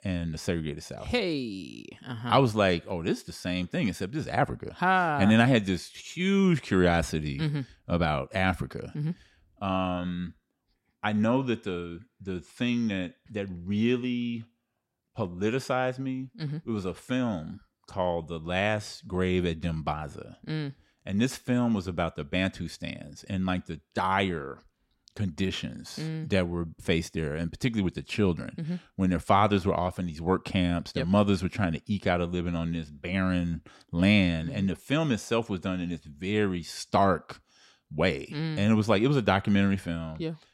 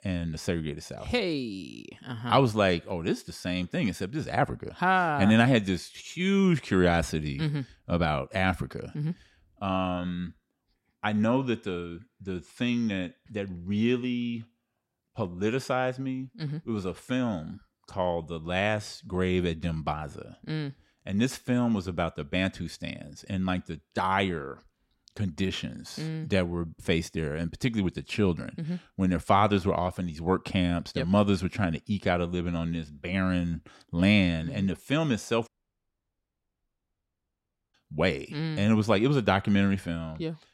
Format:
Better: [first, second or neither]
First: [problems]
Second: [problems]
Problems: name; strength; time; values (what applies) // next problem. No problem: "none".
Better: first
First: none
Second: audio cutting out; at 35 s for 2.5 s